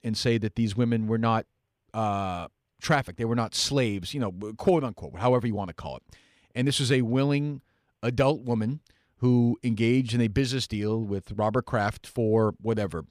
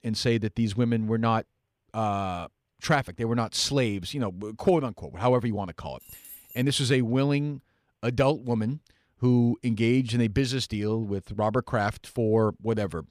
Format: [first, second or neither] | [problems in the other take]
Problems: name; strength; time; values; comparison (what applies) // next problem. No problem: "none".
first | jangling keys; faint; at 6 s; peak 15 dB below the speech